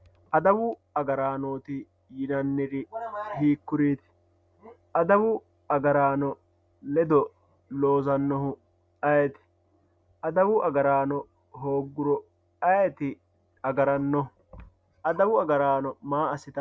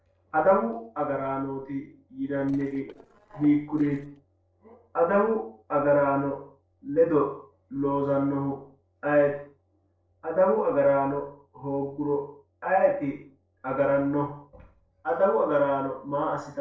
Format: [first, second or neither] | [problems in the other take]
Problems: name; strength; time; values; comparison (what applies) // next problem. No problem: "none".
first | noise reduction (neural separator model SepFormer DNS4)